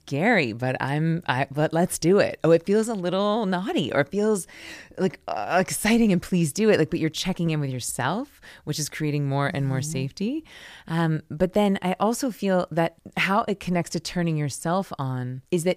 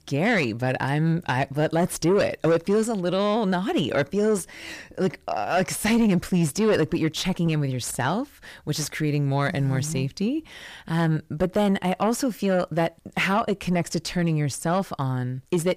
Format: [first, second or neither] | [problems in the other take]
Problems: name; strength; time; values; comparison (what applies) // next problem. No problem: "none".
first | distortion; slight; 10 dB below the speech